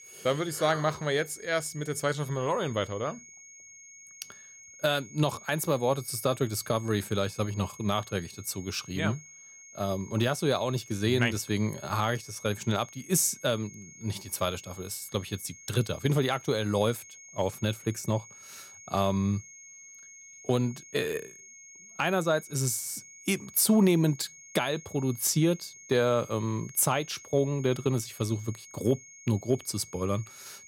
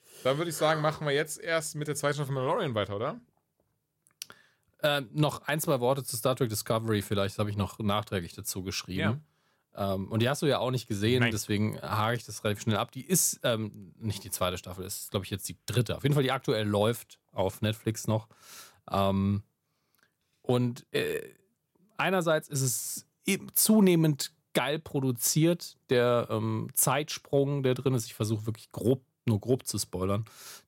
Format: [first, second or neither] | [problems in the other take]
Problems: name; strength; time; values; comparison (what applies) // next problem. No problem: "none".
second | high-pitched whine; noticeable; throughout; 6.5 kHz, 20 dB below the speech